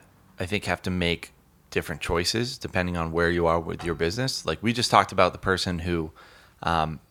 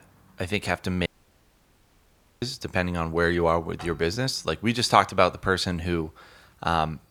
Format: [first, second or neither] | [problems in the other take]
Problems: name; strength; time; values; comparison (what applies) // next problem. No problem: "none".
first | audio cutting out; at 1 s for 1.5 s